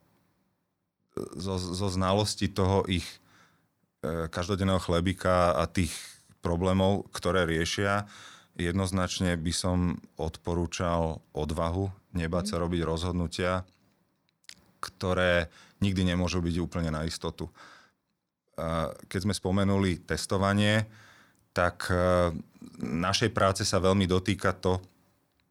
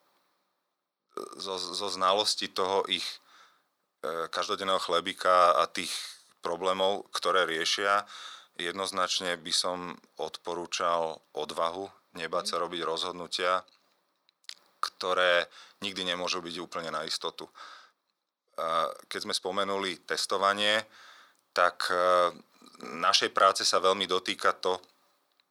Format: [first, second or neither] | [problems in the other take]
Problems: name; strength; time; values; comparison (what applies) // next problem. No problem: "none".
first | thin; very; fading below 500 Hz